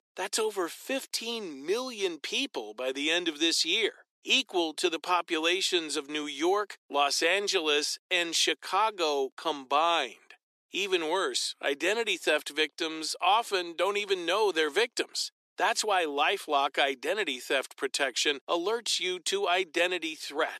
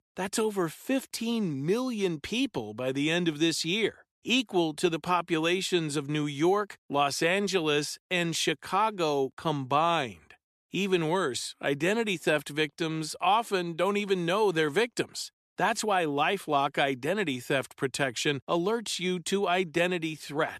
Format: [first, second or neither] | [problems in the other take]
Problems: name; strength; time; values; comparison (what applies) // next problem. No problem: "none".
second | thin; somewhat; fading below 350 Hz